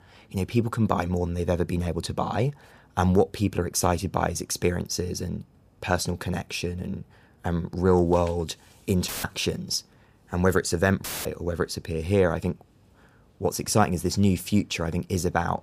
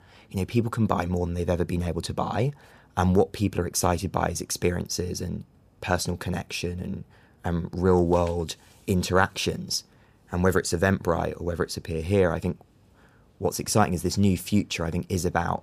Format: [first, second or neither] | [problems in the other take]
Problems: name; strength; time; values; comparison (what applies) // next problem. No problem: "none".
second | audio cutting out; filled with static; at 9 s and at 11 s